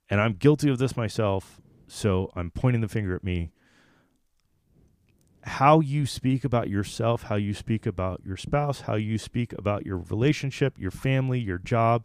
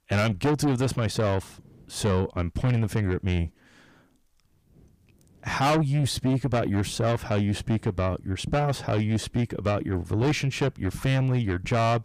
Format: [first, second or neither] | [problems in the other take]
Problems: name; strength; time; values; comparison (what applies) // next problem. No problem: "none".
first | distortion; heavy; 6 dB below the speech